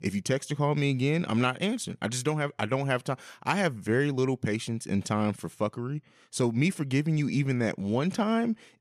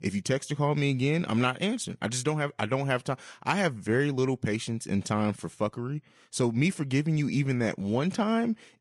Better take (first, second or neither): first